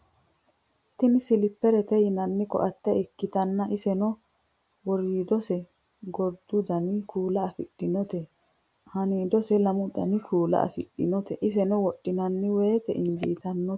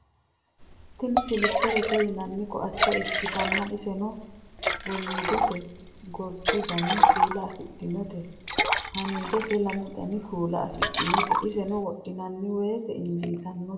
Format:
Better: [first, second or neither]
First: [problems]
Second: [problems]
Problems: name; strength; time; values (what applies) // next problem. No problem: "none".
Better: first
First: none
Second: background sound (Liquid); 1 dB above the speech // room echo; dies away in 0.8 s